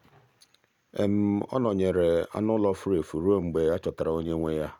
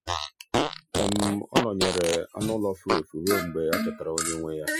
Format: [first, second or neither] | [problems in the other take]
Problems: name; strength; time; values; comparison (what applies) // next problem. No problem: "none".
first | noise reduction (classical method Wiener filter)